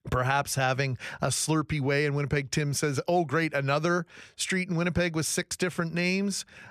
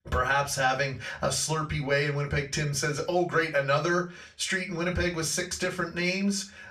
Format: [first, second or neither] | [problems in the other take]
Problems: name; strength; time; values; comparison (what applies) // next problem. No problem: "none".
first | room echo; very slight; dies away in 0.3 s // off-mic speech; far